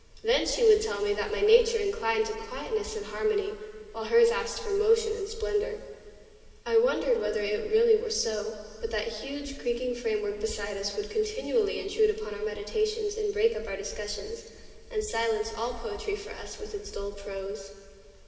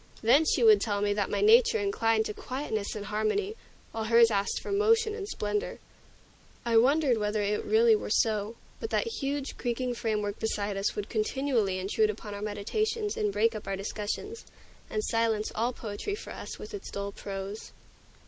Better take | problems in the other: second | room echo; dies away in 2.5 s

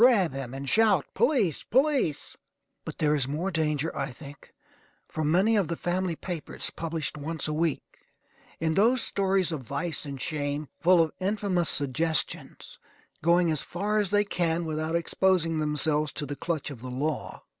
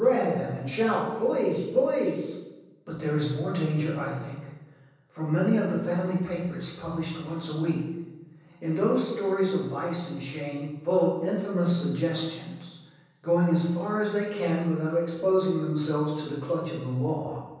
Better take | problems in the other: first | room echo; dies away in 1.1 s

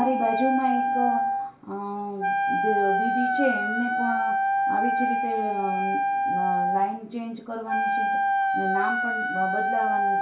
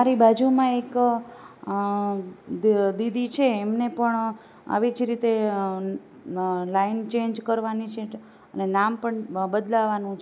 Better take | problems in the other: second | background sound (Wind instrument, woodwind instrument); 5 dB above the speech // room echo; dies away in 0.3 s

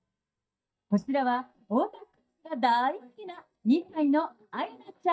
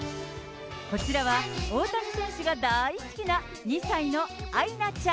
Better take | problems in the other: second | noise reduction (neural mask model DeepFilterNet 3)

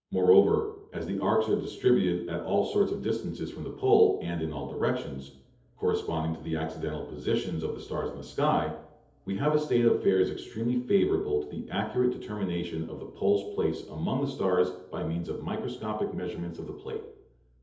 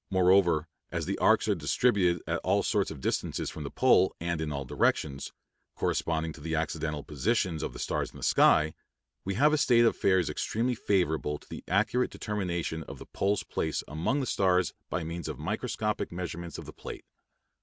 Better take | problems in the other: second | room echo; dies away in 0.8 s

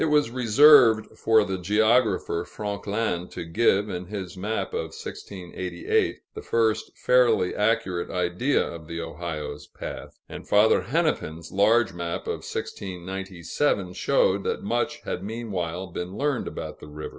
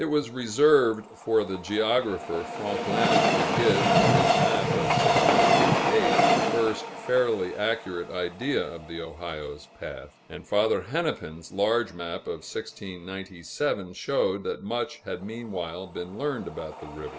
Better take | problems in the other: first | background sound (Train); as loud as the speech

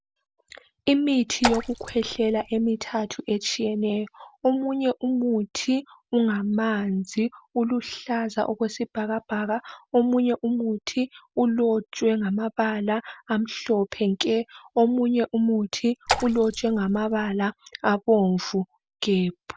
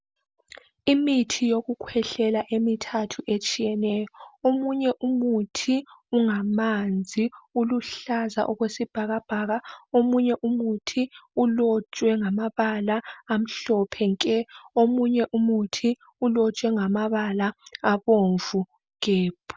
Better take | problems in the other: second | background sound (Raindrop / Splash, splatter); 7 dB below the speech

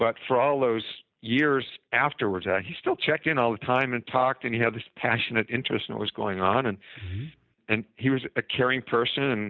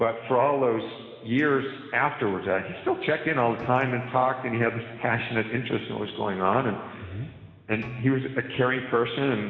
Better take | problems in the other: first | background sound (Bowed string instrument); 20 dB below the speech // room echo; dies away in 2.4 s

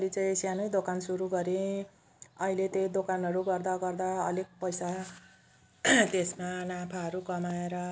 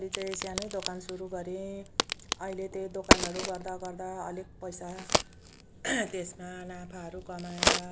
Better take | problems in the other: first | background sound (Crack); 5 dB above the speech

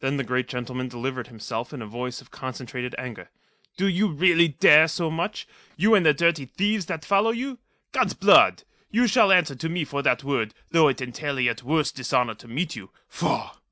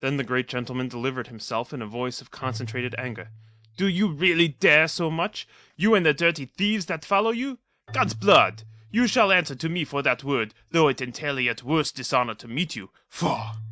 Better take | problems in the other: first | noise reduction (neural mask model DeepFilterNet 3)

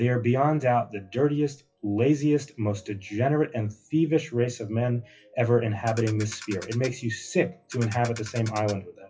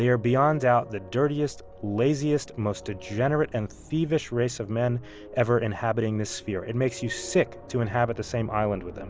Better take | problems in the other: second | noise reduction (classical method WPE with log-MMSE)

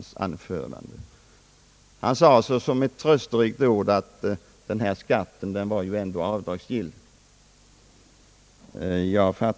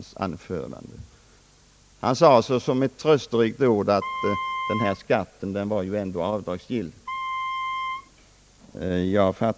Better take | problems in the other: first | background sound (Wind instrument, woodwind instrument); 7 dB below the speech

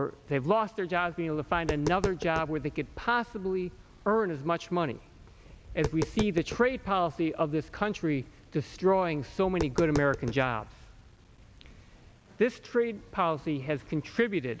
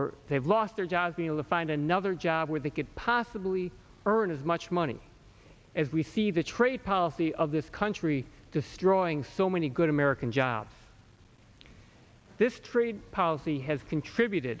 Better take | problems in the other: second | background sound (Tap); 11 dB below the speech

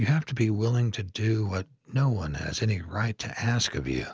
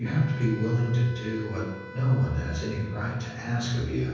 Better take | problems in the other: first | background sound (Wind instrument, woodwind instrument); 17 dB below the speech // room echo; dies away in 1.1 s

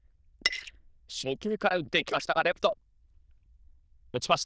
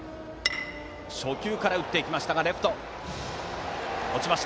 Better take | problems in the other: second | noise reduction (neural diffusion model UNIVERSE++)

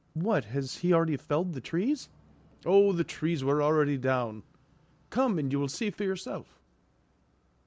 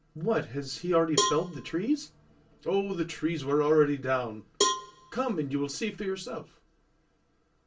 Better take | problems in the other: first | background sound (Cowbell); 4 dB below the speech // room echo; dies away in 0.2 s

